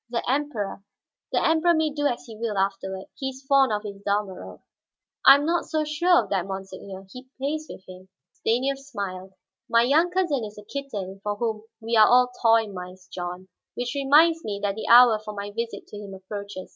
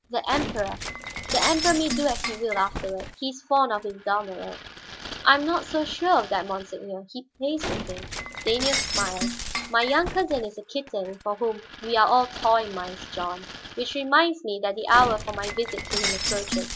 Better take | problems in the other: first | background sound (Shatter); 7 dB below the speech

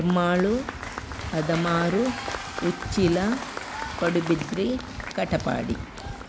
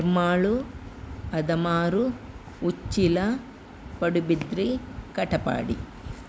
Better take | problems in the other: second | background sound (Applause / Crowd / Cheering); 10 dB below the speech

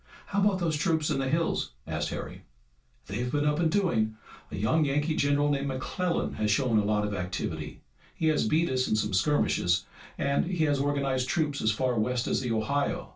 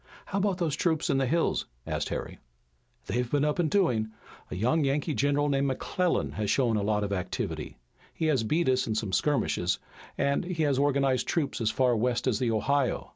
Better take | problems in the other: second | room echo; dies away in 0.2 s

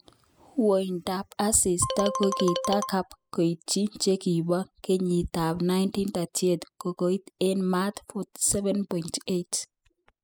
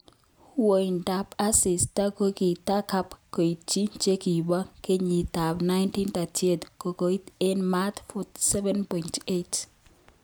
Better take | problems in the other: second | noise reduction (classical method spectral subtraction)

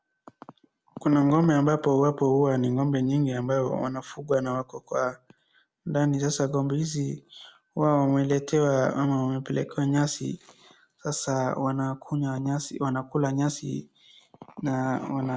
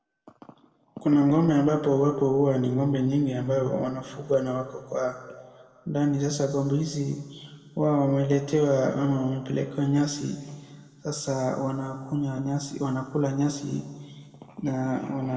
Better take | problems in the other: first | room echo; dies away in 1.5 s

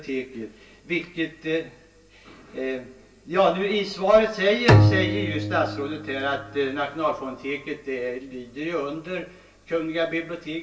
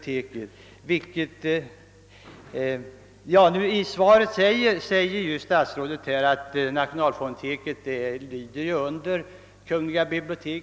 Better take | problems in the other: second | background sound (Bowed string instrument); 2 dB above the speech // room echo; dies away in 0.3 s

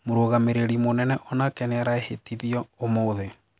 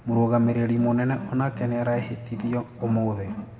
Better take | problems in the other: first | background sound (Wild animals); 12 dB below the speech // room echo; dies away in 1.2 s

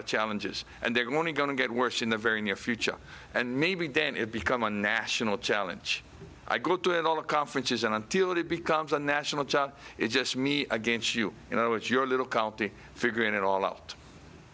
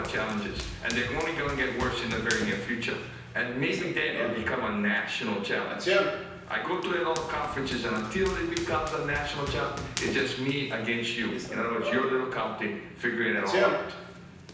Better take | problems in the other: first | background sound (Run); 5 dB below the speech // room echo; dies away in 0.9 s

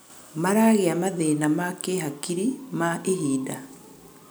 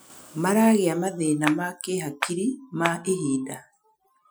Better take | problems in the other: first | noise reduction (classical method Wiener filter)

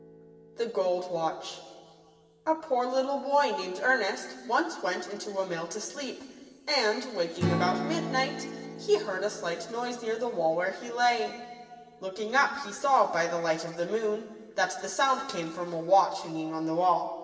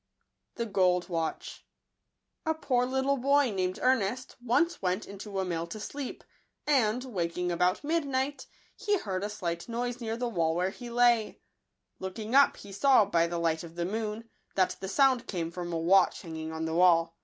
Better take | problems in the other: second | background sound (Strum); 13 dB below the speech // room echo; dies away in 2.3 s

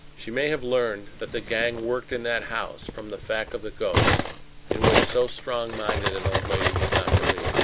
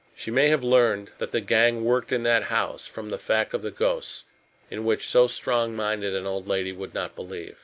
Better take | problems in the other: second | background sound (Cutlery, silverware); 2 dB above the speech

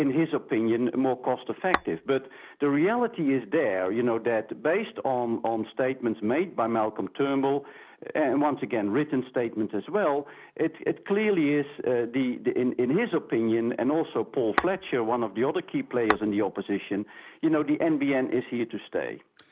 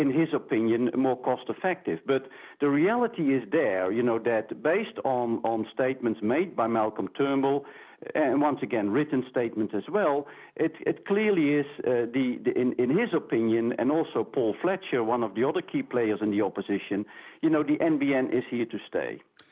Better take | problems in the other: second | background sound (Tap / Glass); 9 dB below the speech

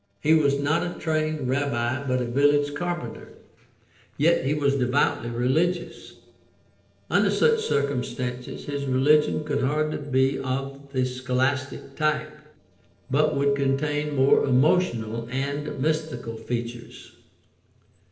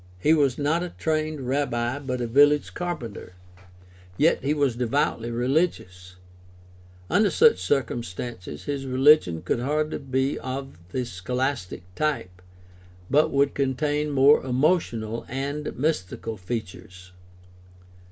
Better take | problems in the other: second | noise reduction (neural separator model SepFormer DNS4)

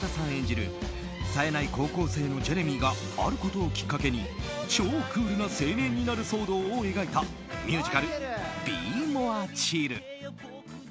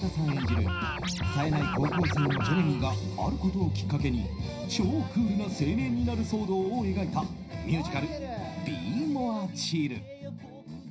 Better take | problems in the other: first | background sound (Scratching (performance technique)); 6 dB below the speech // room echo; dies away in 0.4 s

